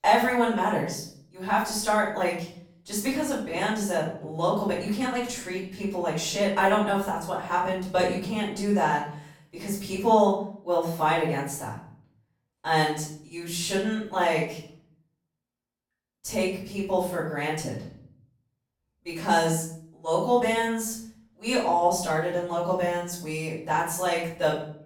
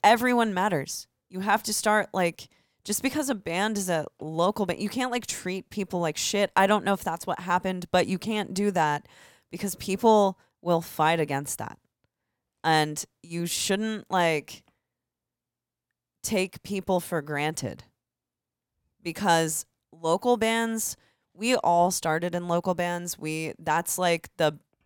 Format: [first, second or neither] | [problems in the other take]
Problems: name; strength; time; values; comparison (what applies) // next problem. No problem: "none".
second | off-mic speech; far // room echo; noticeable; dies away in 0.5 s